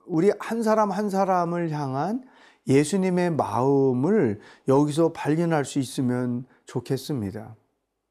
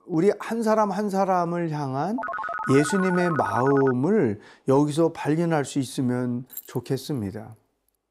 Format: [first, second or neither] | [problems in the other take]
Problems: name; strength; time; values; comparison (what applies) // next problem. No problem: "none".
first | phone ringing; noticeable; from 2 to 4 s; peak 5 dB below the speech // jangling keys; faint; at 6.5 s; peak 15 dB below the speech